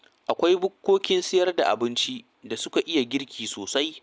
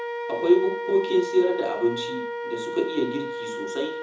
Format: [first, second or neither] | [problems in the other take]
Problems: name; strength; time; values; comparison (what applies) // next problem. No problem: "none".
first | background sound (Wind instrument, woodwind instrument); 6 dB below the speech // room echo; dies away in 0.5 s